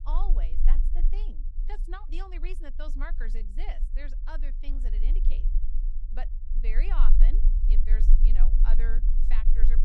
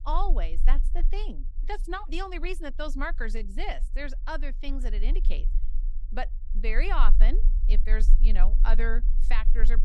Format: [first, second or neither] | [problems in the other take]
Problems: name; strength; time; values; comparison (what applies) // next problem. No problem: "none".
second | low rumble; loud; throughout; 10 dB below the speech; faint in the second